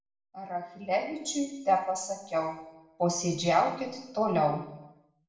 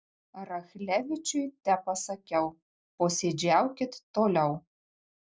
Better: second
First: room echo; dies away in 0.8 s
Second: none

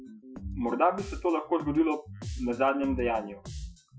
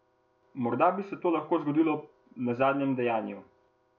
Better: second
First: noise reduction (classical method Wiener filter)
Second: none

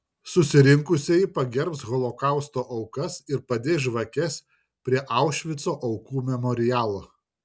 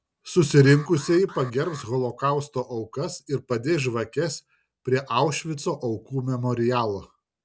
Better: first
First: none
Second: background sound (Alarm); 19 dB below the speech

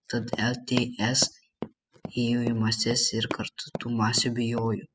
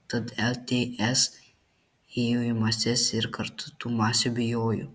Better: second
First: noise reduction (classical method spectral subtraction)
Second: none

